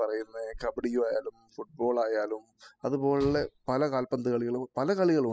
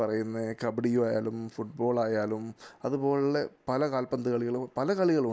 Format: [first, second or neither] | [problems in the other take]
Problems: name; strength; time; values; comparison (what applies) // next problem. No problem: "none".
second | noise reduction (classical method spectral subtraction)